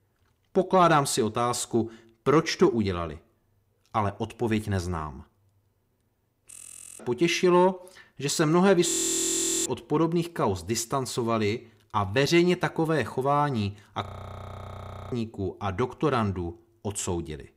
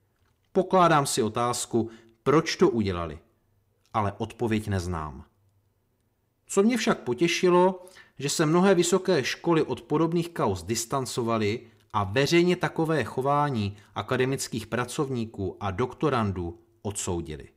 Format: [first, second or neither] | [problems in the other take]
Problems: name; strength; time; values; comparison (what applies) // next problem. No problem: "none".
second | audio freezing; at 6.5 s, at 9 s for 1 s and at 14 s for 1 s